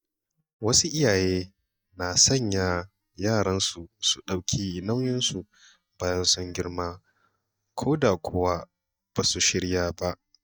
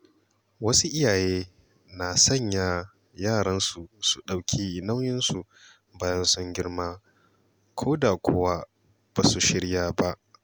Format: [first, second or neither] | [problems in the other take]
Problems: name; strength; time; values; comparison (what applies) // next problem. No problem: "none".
second | noise reduction (neural mask model DeepFilterNet 3)